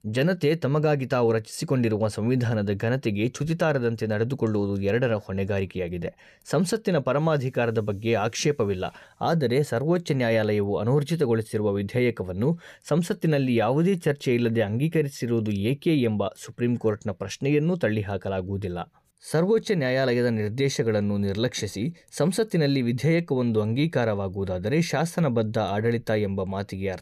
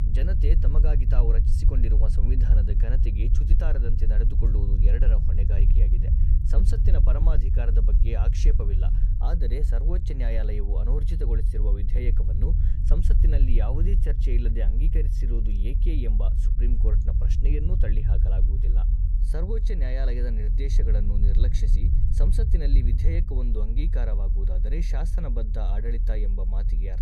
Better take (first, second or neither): first